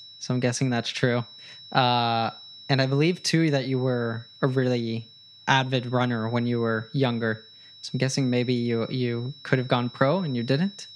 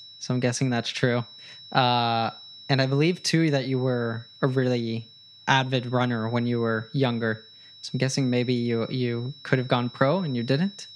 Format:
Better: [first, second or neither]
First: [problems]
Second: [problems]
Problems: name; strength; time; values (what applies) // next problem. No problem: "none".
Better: neither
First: high-pitched whine; noticeable; throughout; 4 kHz, 20 dB below the speech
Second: high-pitched whine; noticeable; throughout; 4 kHz, 20 dB below the speech